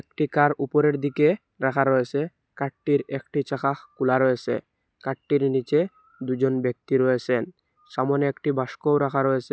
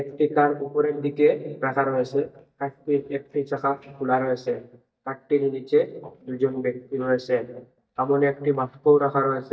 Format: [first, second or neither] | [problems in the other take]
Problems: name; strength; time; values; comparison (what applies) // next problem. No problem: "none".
first | noise reduction (neural mask model DeepFilterNet 3)